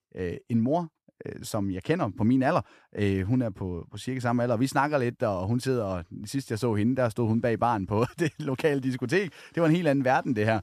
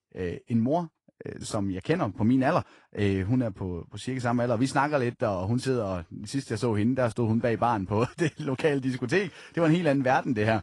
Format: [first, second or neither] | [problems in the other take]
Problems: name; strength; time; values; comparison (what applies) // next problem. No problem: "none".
first | garbled, watery; slightly; nothing above 10.5 kHz